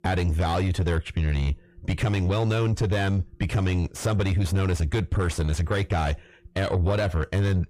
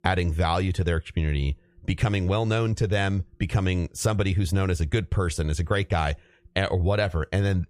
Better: second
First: distortion; slight; 10 dB below the speech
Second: none

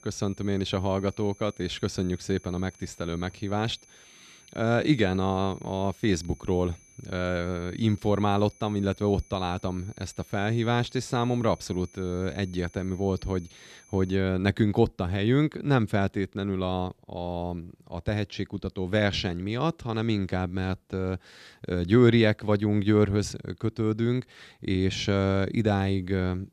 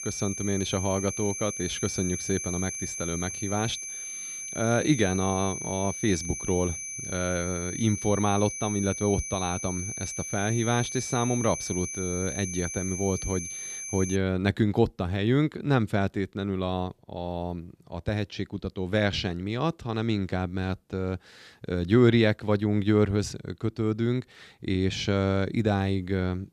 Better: first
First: high-pitched whine; faint; until 14 s; 6 kHz, 25 dB below the speech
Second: high-pitched whine; loud; until 14 s; 6 kHz, 5 dB below the speech

